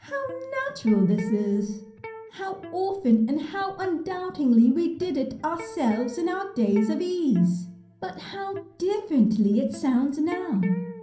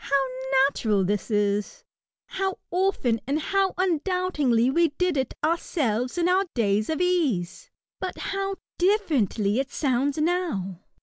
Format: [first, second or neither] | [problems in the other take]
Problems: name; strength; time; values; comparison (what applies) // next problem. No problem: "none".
second | background sound (Electric guitar); 19 dB below the speech // room echo; dies away in 0.6 s